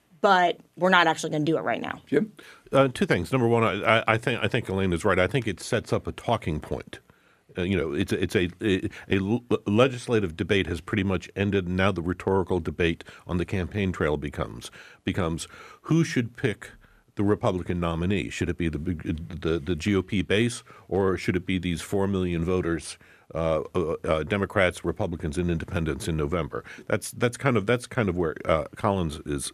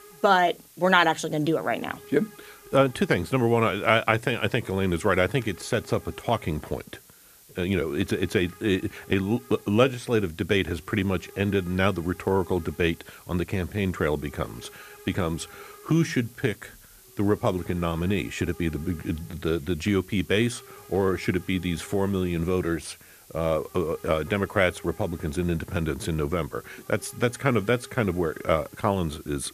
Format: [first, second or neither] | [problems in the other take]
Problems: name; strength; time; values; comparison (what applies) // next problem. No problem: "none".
first | hiss; faint; throughout; 20 dB below the speech